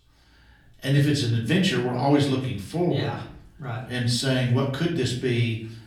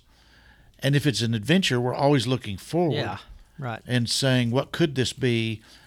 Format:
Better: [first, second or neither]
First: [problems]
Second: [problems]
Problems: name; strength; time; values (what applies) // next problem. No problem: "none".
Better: second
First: off-mic speech; far // room echo; slight; dies away in 0.5 s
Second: none